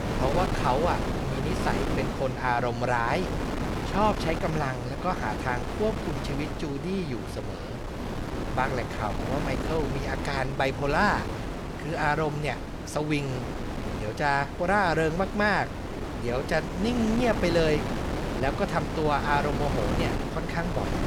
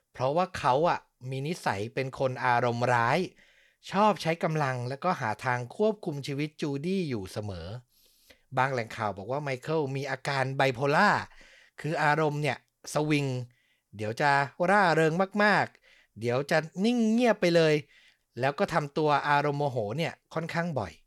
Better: second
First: wind noise on the microphone; heavy; 7 dB below the speech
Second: none

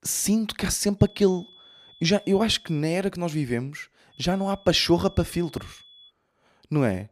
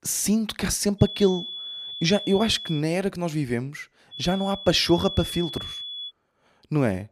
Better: first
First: high-pitched whine; faint; from 1 to 3 s and from 4 to 6 s; 3.5 kHz, 25 dB below the speech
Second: high-pitched whine; loud; from 1 to 3 s and from 4 to 6 s; 3.5 kHz, 9 dB below the speech

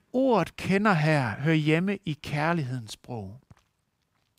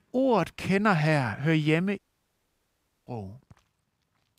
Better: first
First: none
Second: audio cutting out; at 2 s for 1 s

